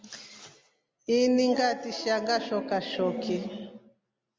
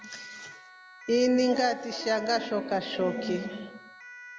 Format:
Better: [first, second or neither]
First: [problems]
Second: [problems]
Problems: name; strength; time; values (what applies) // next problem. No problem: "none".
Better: first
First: none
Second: background sound (Siren); 18 dB below the speech